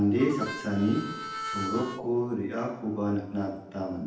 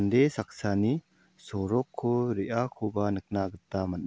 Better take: second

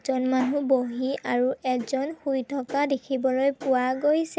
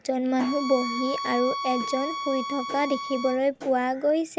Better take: first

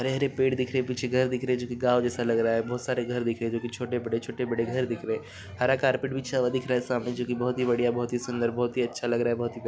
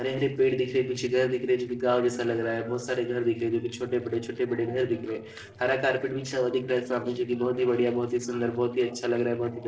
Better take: first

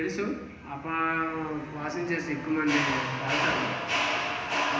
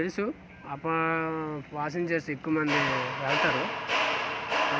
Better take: second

